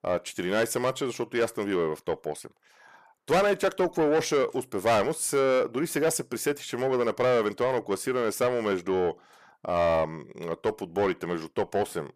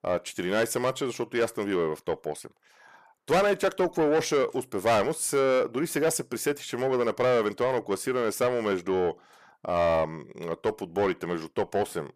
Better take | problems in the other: neither | distortion; slight; 10 dB below the speech; the same in both

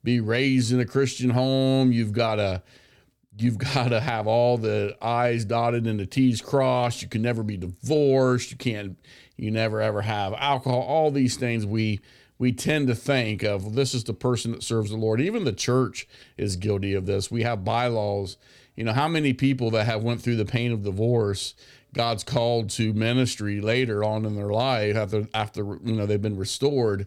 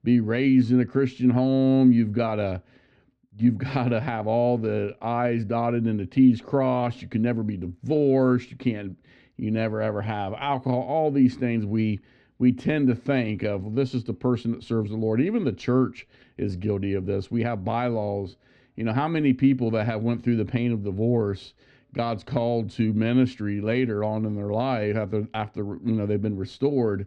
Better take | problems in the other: first | muffled; slightly; fading above 2.5 kHz

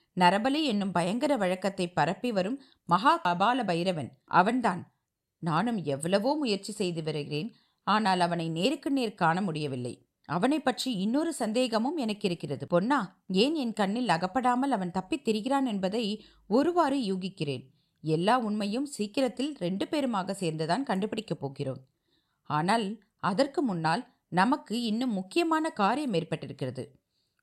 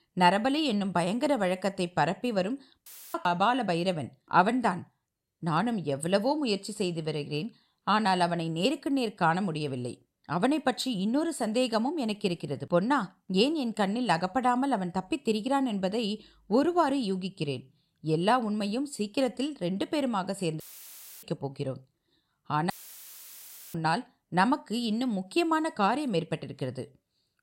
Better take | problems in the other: first | audio cutting out; filled with static; at 3 s, at 21 s for 0.5 s and at 23 s for 1 s

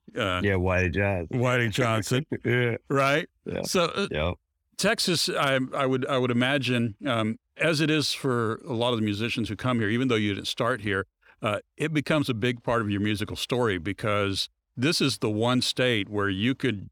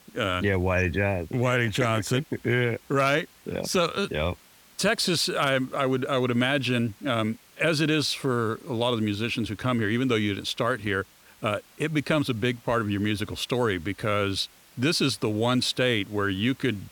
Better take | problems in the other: first | hiss; faint; throughout; 25 dB below the speech

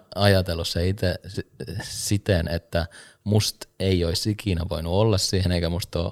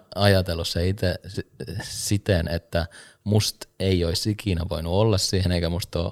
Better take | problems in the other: neither | none

